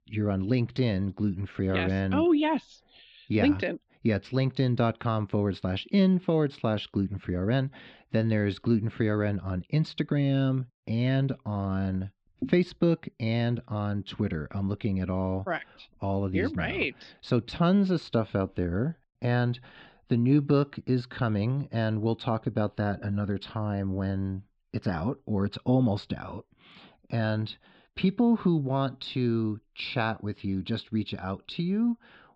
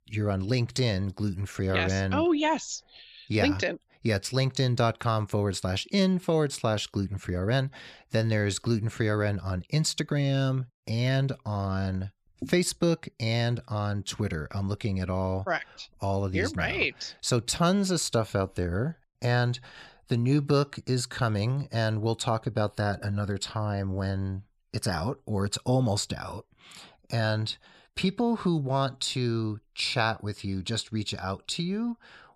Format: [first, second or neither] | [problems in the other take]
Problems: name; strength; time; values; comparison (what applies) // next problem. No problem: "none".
second | muffled; slightly; fading above 3.5 kHz